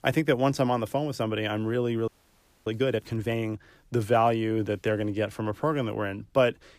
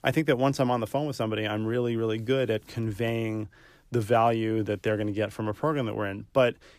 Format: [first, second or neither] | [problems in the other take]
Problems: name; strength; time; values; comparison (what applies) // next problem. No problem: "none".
second | audio freezing; at 2 s for 0.5 s